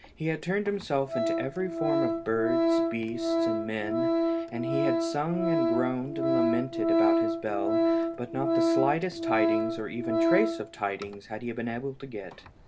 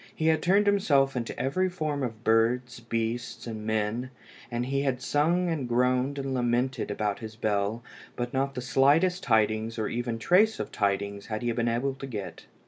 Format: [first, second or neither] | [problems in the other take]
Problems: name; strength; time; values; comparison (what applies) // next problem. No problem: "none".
second | background sound (Organ); 3 dB above the speech